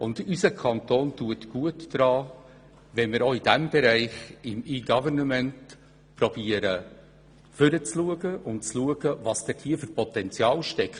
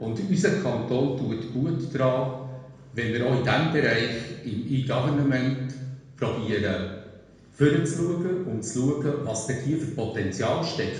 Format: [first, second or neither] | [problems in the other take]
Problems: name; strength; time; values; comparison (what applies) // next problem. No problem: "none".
first | room echo; dies away in 1 s